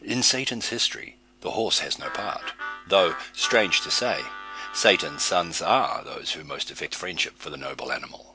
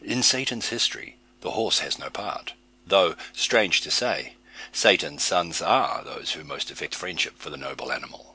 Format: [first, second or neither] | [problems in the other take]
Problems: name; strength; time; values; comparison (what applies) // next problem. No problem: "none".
second | background sound (Harmonica); 10 dB below the speech